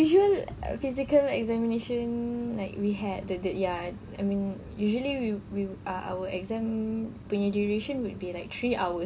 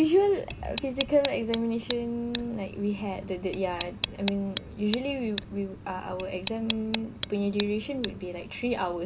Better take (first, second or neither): first